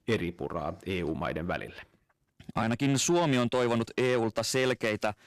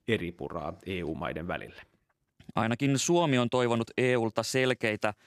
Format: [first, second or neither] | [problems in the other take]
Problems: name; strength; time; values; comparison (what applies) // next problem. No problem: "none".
second | distortion; slight; 10 dB below the speech